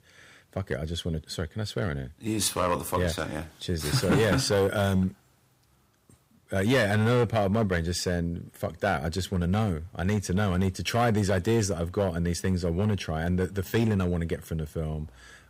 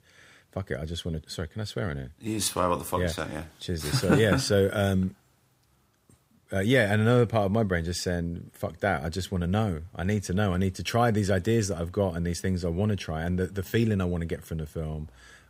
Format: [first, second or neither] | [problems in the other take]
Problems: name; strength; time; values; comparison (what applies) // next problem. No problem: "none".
second | distortion; slight; 4% of the sound clipped